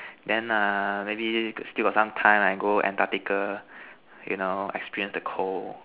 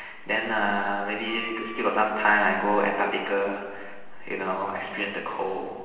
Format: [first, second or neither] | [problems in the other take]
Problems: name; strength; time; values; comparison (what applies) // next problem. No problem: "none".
first | background sound (Wind instrument, woodwind instrument); 16 dB below the speech // room echo; dies away in 1.3 s